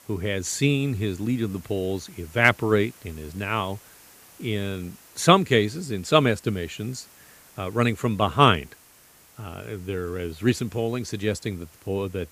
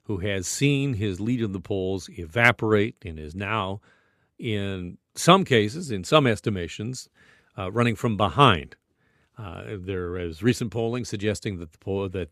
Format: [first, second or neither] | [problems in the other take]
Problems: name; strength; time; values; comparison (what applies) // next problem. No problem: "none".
second | hiss; faint; throughout; 25 dB below the speech